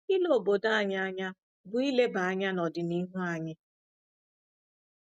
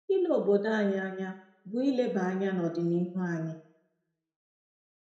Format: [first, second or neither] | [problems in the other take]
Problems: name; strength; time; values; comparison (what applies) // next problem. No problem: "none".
first | room echo; dies away in 0.6 s